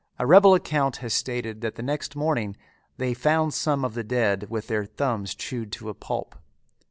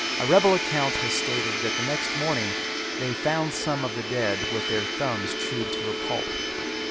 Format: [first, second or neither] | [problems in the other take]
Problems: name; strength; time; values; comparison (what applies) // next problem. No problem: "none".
first | background sound (Domestic sounds, home sounds); as loud as the speech